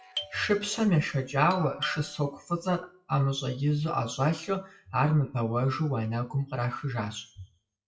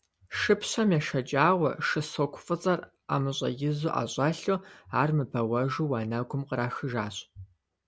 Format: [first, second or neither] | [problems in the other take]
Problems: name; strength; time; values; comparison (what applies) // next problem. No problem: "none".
second | noise reduction (classical method WPE with log-MMSE)